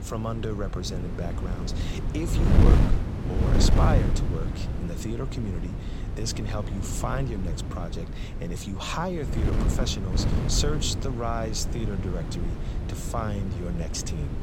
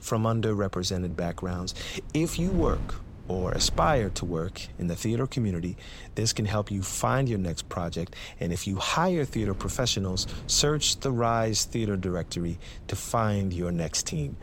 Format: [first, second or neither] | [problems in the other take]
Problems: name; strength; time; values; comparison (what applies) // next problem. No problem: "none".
second | wind noise on the microphone; heavy; 4 dB below the speech; occasional gusts in the second